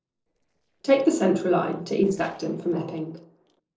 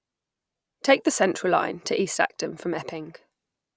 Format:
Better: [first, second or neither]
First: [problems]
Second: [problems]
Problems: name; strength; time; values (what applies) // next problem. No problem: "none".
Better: second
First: noise reduction (neural separator model SepFormer DNS4)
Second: none